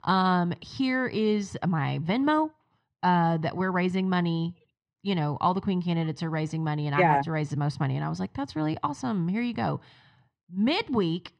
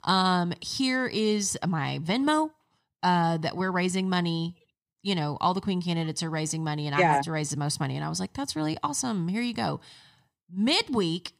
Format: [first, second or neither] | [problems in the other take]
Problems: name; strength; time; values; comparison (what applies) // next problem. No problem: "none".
second | muffled; slightly; fading above 2.5 kHz